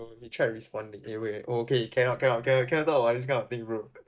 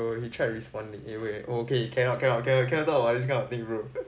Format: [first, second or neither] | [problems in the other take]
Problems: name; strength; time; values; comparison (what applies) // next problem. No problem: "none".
second | noise reduction (neural mask model DeepFilterNet 3)